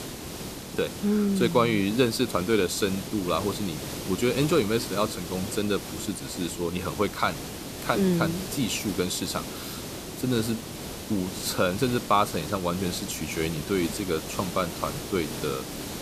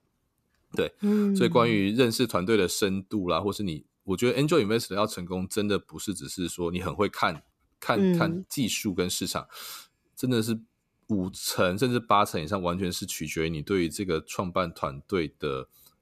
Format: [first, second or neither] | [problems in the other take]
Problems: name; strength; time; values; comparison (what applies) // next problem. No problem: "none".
second | hiss; loud; throughout; 8 dB below the speech